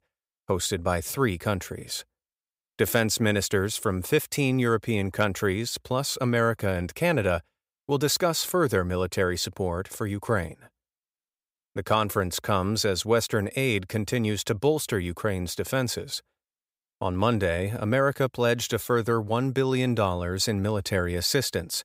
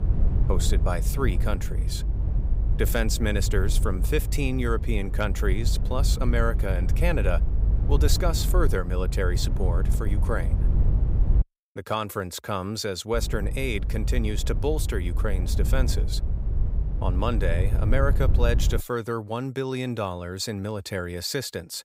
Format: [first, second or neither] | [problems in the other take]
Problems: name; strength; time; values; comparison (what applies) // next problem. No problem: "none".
first | low rumble; noticeable; until 11 s and from 13 to 19 s; 10 dB below the speech